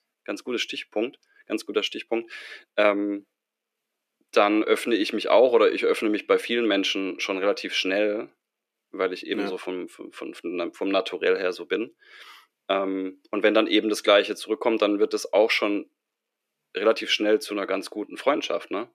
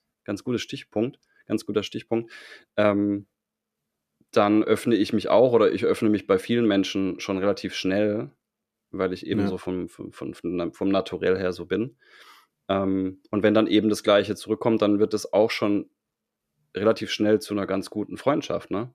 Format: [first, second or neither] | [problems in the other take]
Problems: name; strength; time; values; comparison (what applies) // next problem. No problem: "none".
second | thin; very slightly; fading below 300 Hz